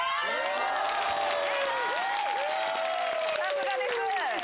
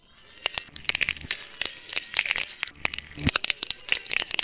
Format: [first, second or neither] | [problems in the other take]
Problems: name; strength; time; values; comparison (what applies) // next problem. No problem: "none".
first | noise reduction (neural separator model SepFormer WHAMR!)